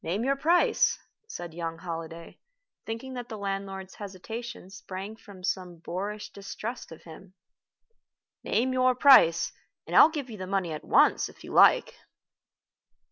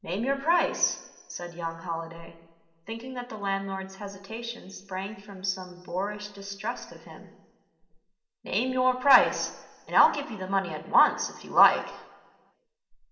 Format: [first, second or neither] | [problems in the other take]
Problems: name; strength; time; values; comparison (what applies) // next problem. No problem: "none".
first | room echo; dies away in 1.7 s